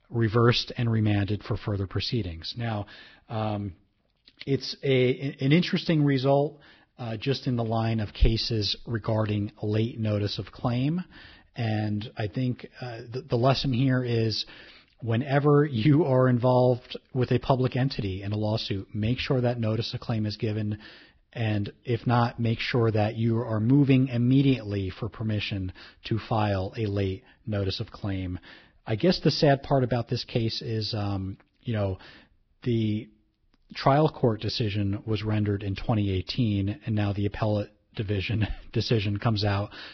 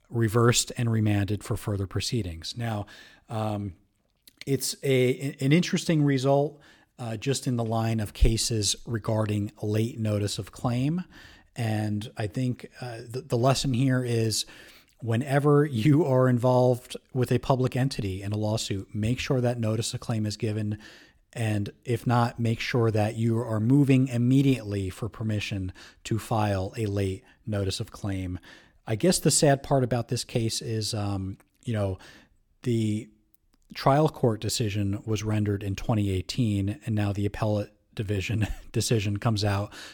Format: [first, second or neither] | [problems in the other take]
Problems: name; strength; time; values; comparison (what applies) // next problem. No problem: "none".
second | garbled, watery; badly; nothing above 5.5 kHz